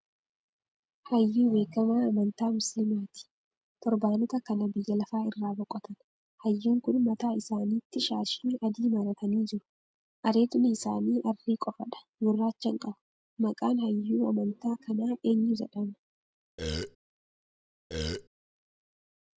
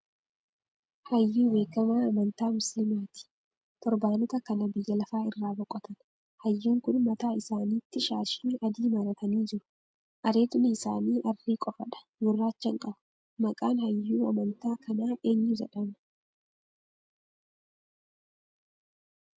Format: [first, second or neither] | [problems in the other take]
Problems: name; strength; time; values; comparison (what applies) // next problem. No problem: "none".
second | background sound (Burping, eructation); 4 dB below the speech